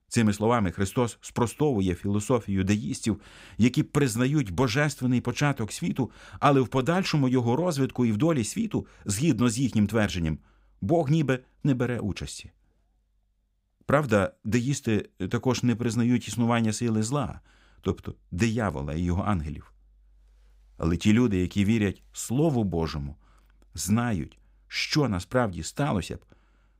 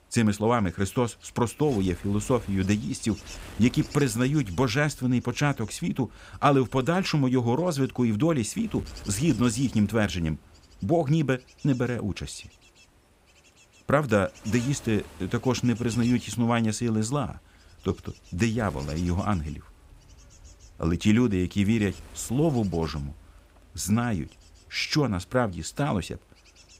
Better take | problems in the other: first | wind noise on the microphone; occasional gusts; 20 dB below the speech

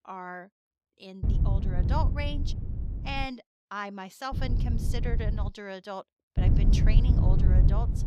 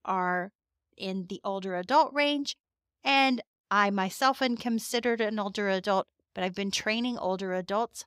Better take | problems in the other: second | wind noise on the microphone; heavy; from 1 to 3.5 s, from 4.5 to 5.5 s and from 6.5 s on; 4 dB below the speech

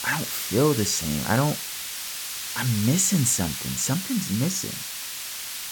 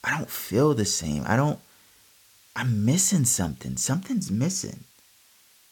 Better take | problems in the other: second | hiss; loud; throughout; 6 dB below the speech; faint in the second

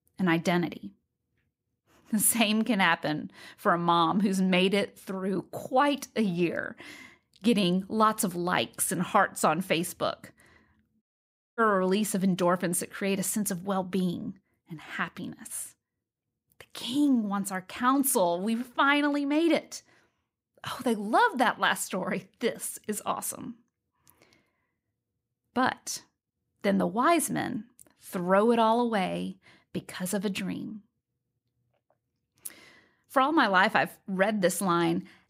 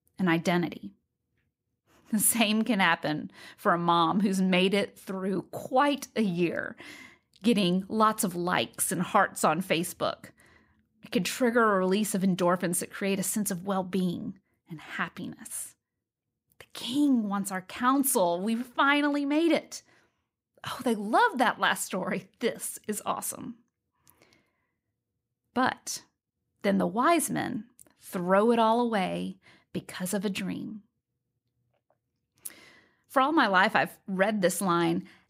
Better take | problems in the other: second | audio cutting out; at 11 s for 0.5 s

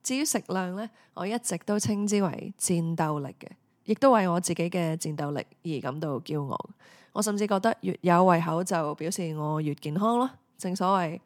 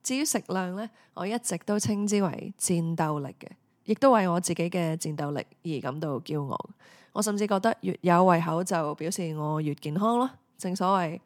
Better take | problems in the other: neither | none

